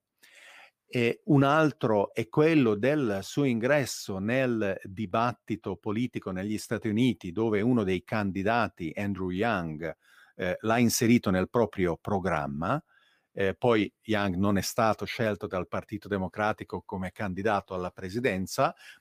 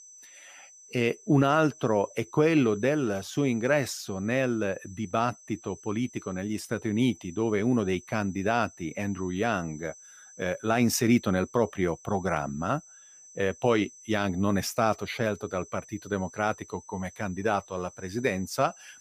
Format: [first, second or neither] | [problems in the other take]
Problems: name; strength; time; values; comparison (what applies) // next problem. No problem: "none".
first | high-pitched whine; faint; throughout; 6 kHz, 20 dB below the speech